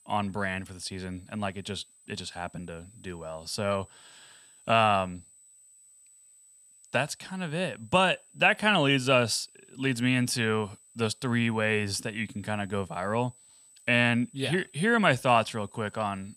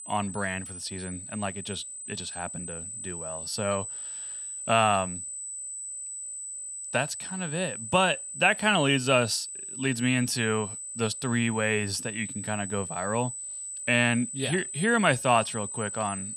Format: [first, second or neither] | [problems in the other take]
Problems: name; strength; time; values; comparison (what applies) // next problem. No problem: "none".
first | high-pitched whine; loud; throughout; 8 kHz, 8 dB below the speech; faint in the first